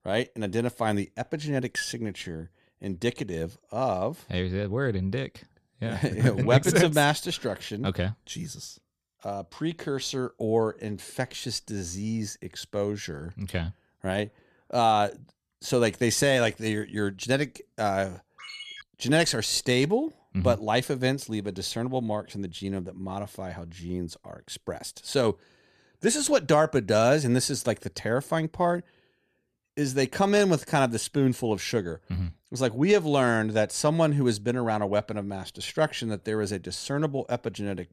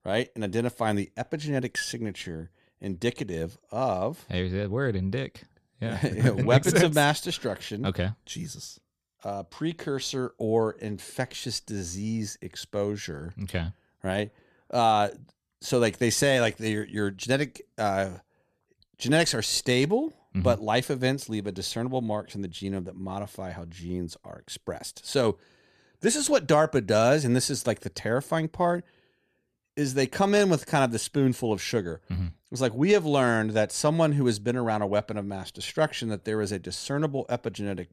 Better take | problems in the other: second | phone ringing; faint; at 18 s; peak 10 dB below the speech

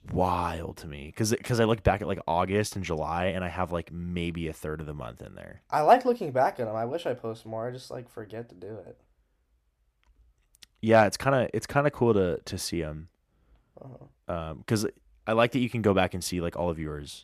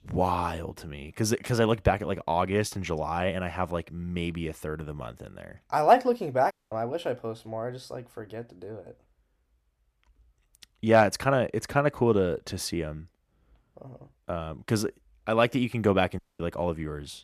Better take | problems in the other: first | audio cutting out; at 6.5 s and at 16 s

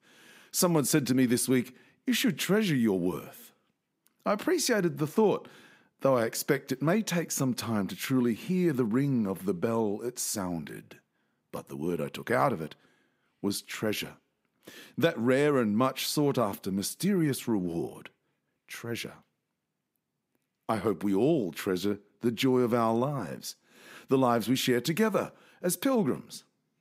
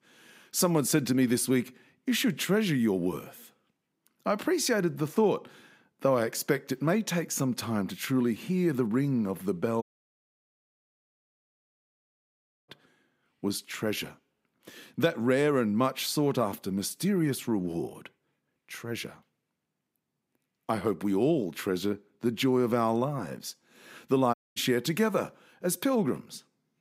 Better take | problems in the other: first | audio cutting out; at 10 s for 3 s and at 24 s

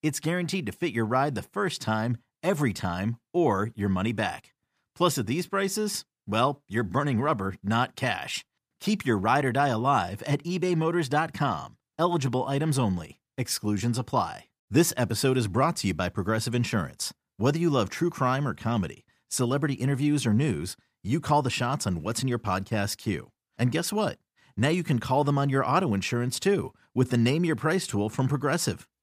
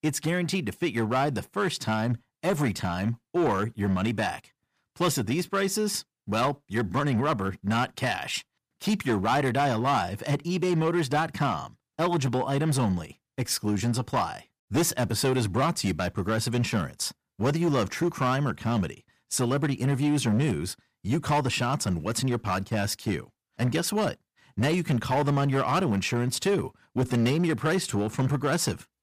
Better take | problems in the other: first | distortion; slight; 8% of the sound clipped

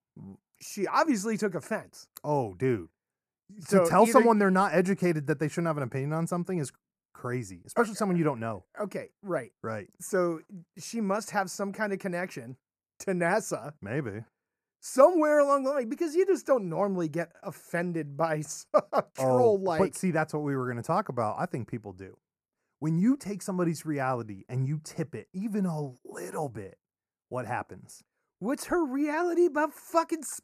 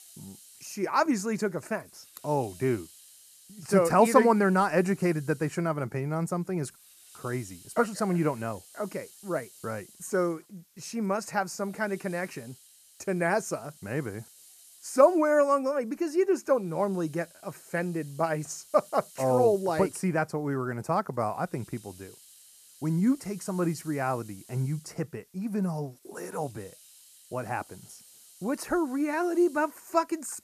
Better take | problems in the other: first | hiss; faint; throughout; 25 dB below the speech

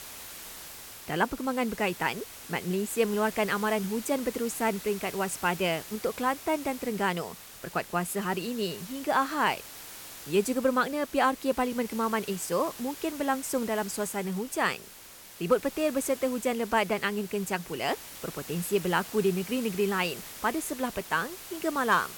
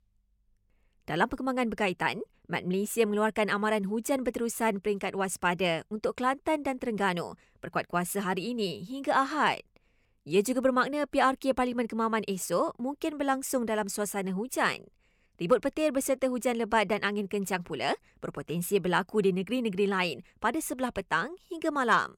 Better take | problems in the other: second | hiss; noticeable; throughout; 15 dB below the speech

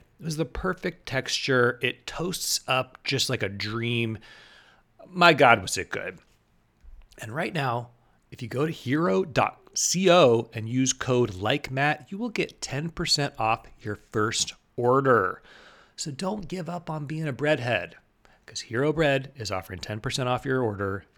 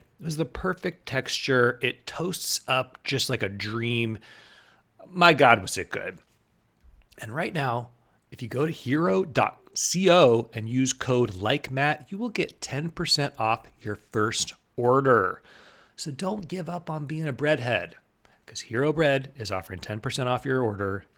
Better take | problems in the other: first | garbled, watery; slightly; nothing above 17.5 kHz

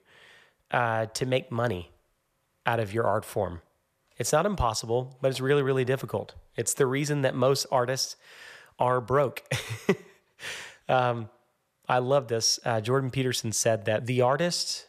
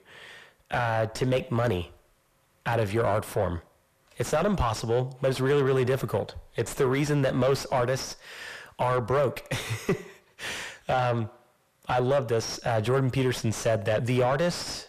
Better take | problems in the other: first | distortion; heavy; 6 dB below the speech

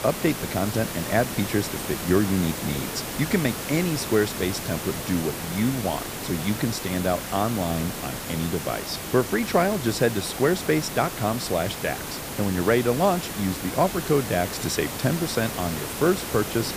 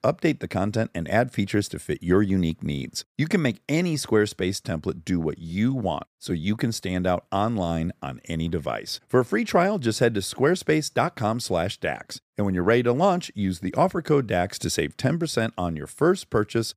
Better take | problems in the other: second | hiss; loud; throughout; 6 dB below the speech

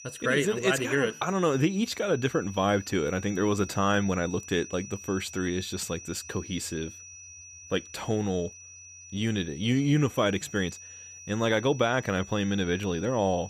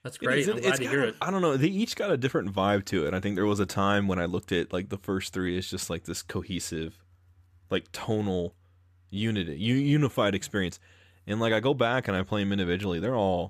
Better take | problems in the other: second | high-pitched whine; noticeable; throughout; 6 kHz, 15 dB below the speech

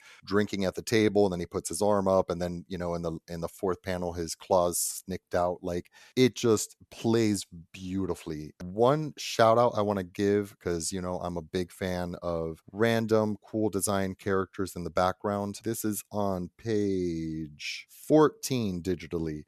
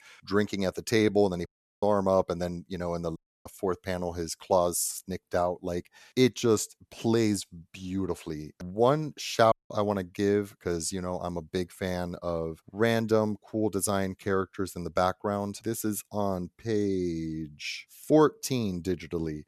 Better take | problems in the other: first | audio cutting out; at 1.5 s, at 3 s and at 9.5 s

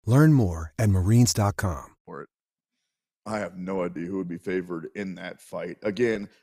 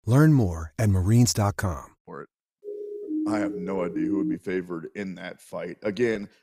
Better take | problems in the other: first | siren; noticeable; from 2.5 to 4.5 s; peak 2 dB below the speech

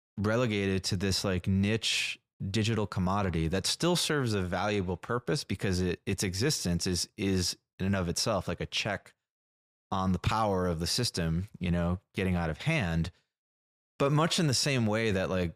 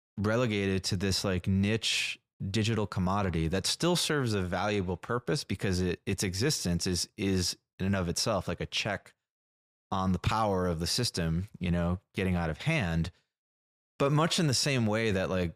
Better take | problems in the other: neither | none

